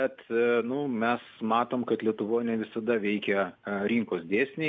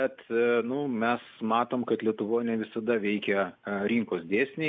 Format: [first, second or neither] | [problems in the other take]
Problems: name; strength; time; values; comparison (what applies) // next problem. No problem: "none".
first | noise reduction (neural mask model Resemble Enhance denoiser)